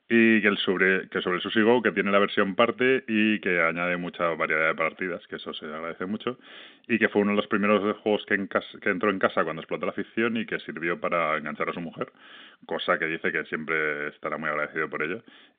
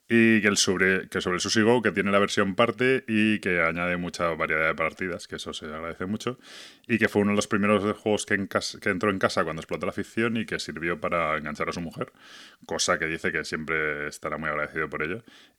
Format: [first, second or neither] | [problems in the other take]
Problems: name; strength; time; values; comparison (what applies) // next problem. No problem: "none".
second | phone-call audio